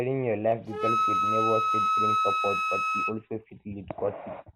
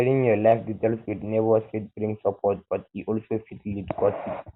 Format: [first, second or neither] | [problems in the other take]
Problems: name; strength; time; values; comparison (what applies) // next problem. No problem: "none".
second | background sound (Wind instrument, woodwind instrument); 3 dB above the speech